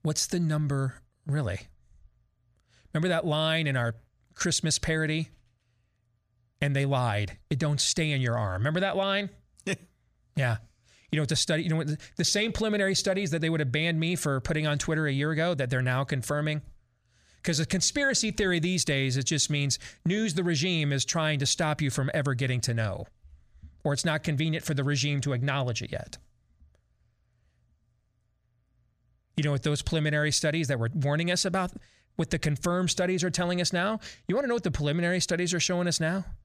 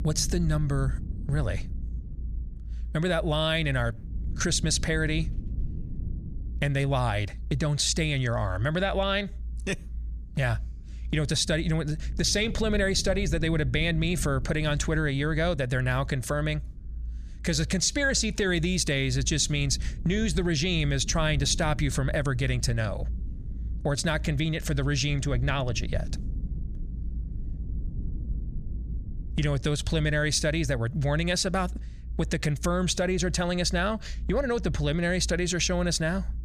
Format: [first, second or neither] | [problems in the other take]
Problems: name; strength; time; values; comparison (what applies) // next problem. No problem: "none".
first | low rumble; faint; throughout; 25 dB below the speech